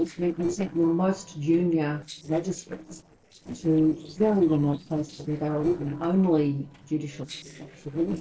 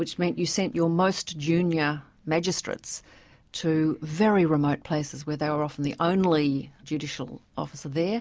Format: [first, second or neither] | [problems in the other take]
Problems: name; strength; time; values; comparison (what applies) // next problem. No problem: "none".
second | noise reduction (neural separator model SepFormer DNS4)